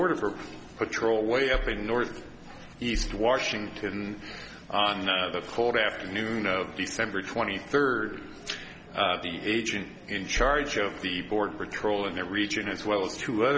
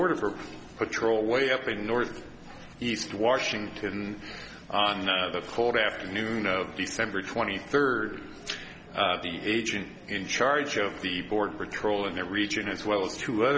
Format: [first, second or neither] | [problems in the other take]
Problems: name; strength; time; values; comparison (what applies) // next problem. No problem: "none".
second | background sound (Bass drum); 7 dB below the speech